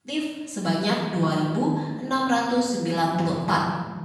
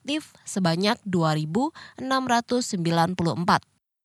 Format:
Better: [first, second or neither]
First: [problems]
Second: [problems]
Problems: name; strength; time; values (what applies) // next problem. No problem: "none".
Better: second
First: off-mic speech; far // room echo; noticeable; dies away in 1.3 s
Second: none